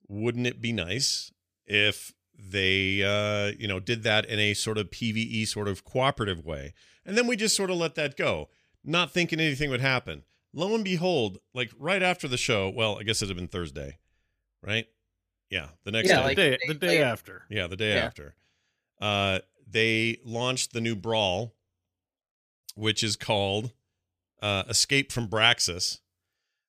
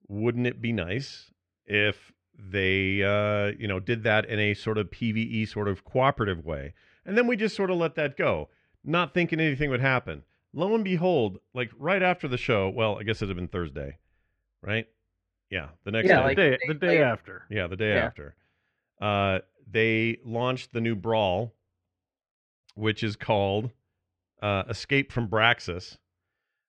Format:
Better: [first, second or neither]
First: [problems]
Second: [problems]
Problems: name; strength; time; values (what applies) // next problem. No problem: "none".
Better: first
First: none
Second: muffled; very; fading above 2 kHz